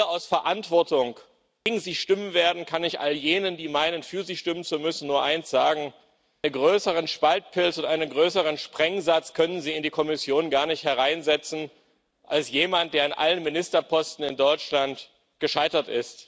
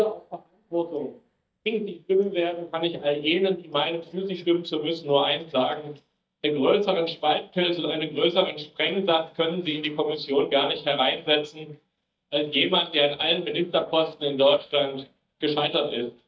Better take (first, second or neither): first